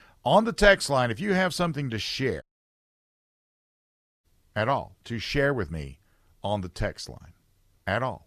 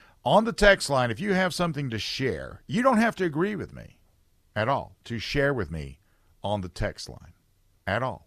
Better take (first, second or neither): second